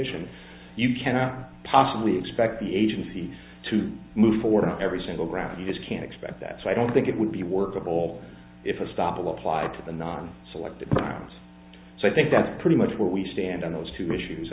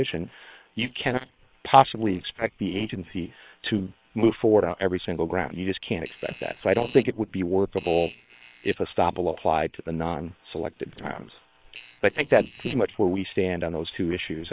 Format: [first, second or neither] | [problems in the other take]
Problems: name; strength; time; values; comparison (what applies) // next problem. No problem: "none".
first | noise reduction (neural separator model SepFormer WHAM!)